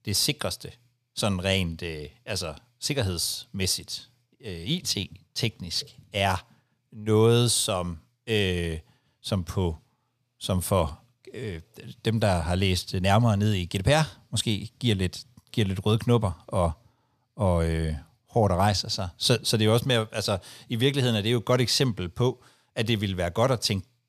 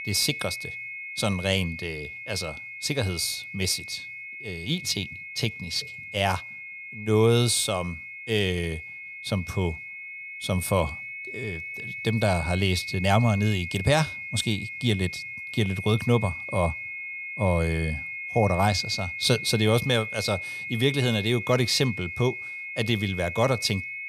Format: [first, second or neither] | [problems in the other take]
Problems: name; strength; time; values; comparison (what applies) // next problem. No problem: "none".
first | high-pitched whine; loud; throughout; 2 kHz, 8 dB below the speech